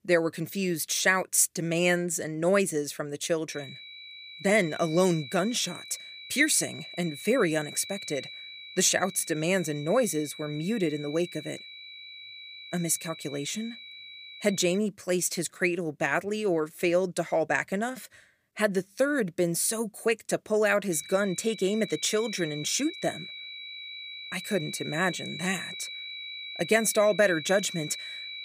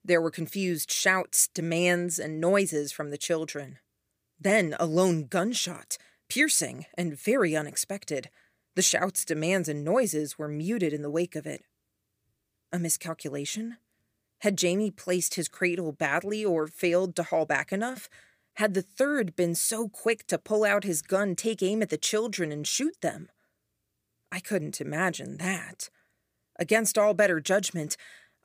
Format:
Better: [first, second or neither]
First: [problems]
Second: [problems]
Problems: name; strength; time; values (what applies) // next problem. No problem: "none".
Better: second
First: high-pitched whine; noticeable; from 3.5 to 15 s and from 21 s on; 4 kHz, 10 dB below the speech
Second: none